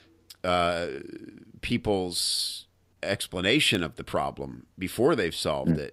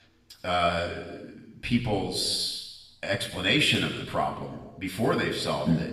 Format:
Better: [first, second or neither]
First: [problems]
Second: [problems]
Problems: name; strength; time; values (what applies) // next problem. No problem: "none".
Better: first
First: none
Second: room echo; noticeable; dies away in 1 s // off-mic speech; somewhat distant